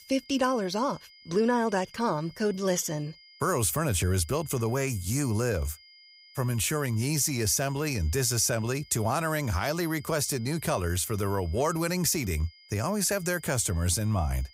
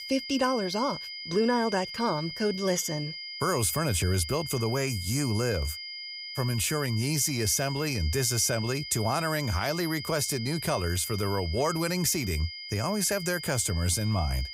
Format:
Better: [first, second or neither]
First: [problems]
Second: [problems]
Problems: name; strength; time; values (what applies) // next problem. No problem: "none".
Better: first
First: high-pitched whine; faint; throughout; 5 kHz, 25 dB below the speech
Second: high-pitched whine; loud; throughout; 5 kHz, 8 dB below the speech